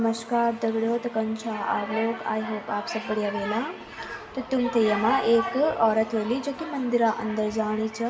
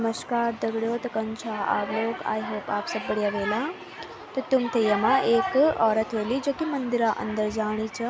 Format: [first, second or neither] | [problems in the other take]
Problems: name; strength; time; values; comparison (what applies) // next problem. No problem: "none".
second | background sound (Bird); 19 dB below the speech // room echo; dies away in 2.2 s